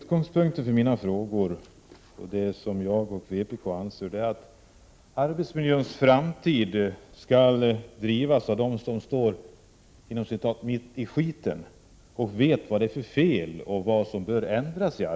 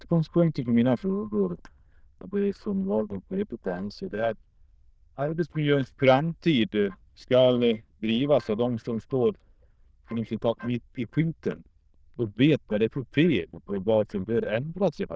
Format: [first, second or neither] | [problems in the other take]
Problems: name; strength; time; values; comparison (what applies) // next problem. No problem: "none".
first | noise reduction (neural diffusion model UNIVERSE++)